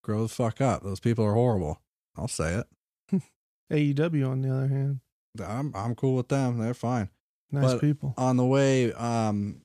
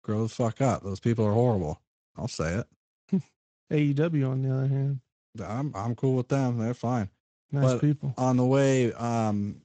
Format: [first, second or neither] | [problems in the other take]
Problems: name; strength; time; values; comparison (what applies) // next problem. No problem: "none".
first | garbled, watery; slightly; nothing above 7.5 kHz